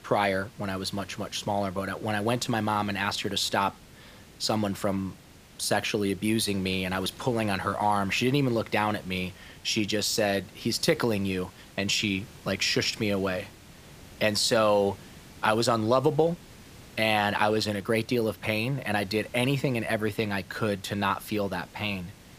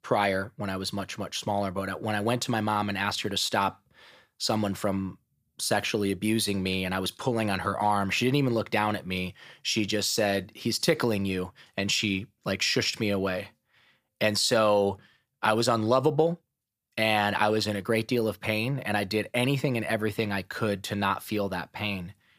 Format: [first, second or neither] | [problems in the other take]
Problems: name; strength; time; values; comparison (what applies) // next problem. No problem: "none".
second | hiss; faint; throughout; 20 dB below the speech